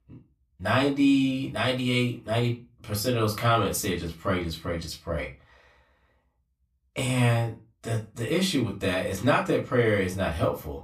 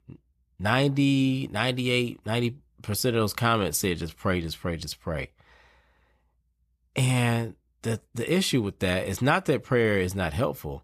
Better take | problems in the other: second | off-mic speech; far // room echo; very slight; dies away in 0.2 s

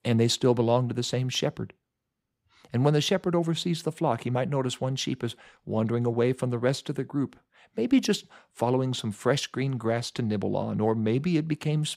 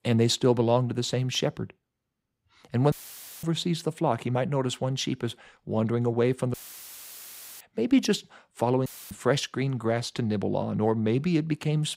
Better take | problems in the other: first | audio cutting out; filled with static; at 3 s for 0.5 s, at 6.5 s for 1 s and at 9 s

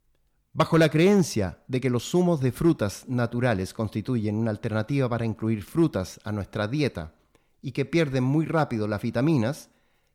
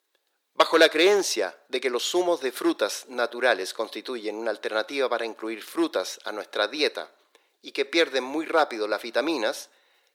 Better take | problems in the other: first | thin; very; fading below 350 Hz

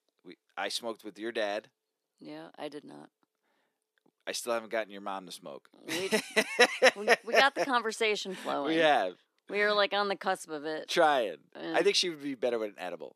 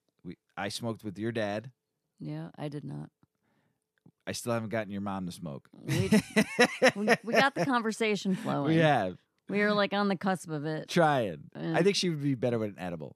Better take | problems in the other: second | thin; somewhat; fading below 350 Hz

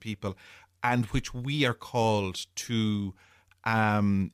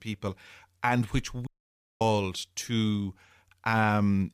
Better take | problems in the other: first | audio cutting out; at 1.5 s for 0.5 s

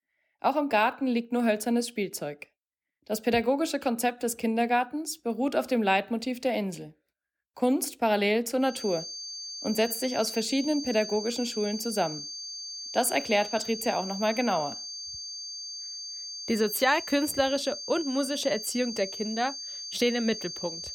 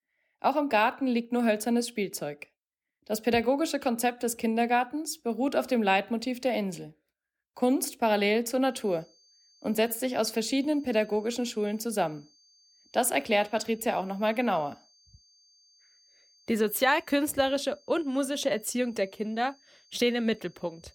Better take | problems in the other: second | high-pitched whine; loud; from 8.5 s on; 4.5 kHz, 8 dB below the speech; faint in the second

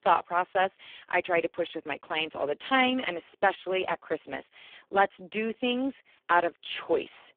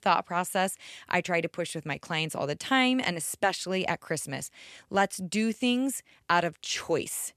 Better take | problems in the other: second | phone-call audio; poor line

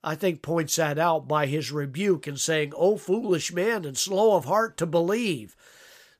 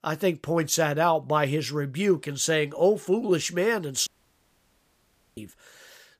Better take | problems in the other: first | audio cutting out; at 4 s for 1.5 s

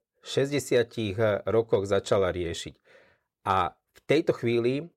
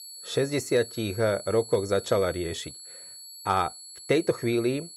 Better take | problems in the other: first | high-pitched whine; noticeable; throughout; 4.5 kHz, 15 dB below the speech

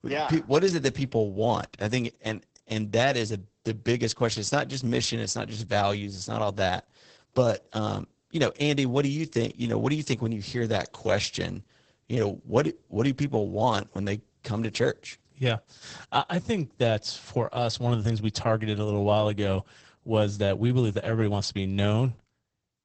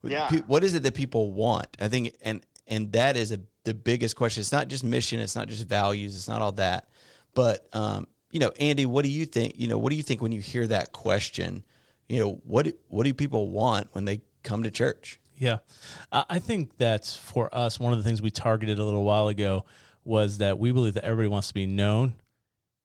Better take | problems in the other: second | garbled, watery; badly; nothing above 8 kHz; slightly in the second

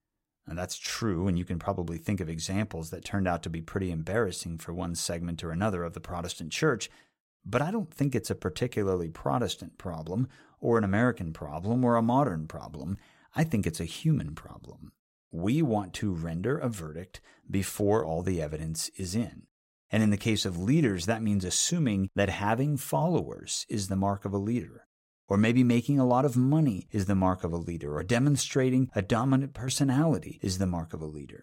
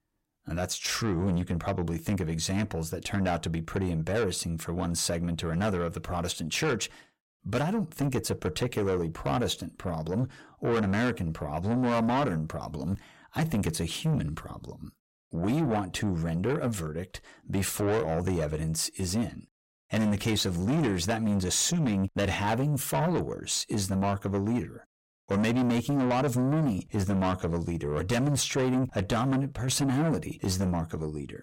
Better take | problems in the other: first | distortion; heavy; 7 dB below the speech

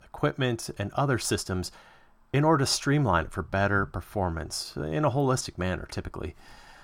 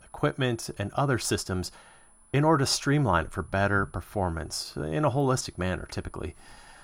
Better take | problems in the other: first | high-pitched whine; faint; throughout; 10 kHz, 30 dB below the speech

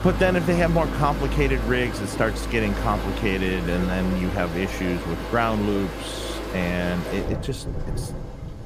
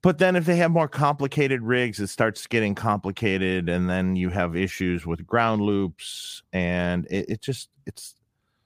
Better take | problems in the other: second | rain or running water; loud; throughout; 5 dB below the speech

